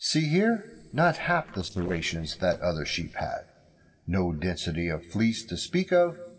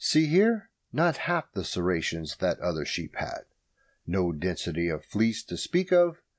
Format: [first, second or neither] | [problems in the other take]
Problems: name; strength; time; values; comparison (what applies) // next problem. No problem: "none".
second | noise reduction (neural separator model SepFormer DNS4)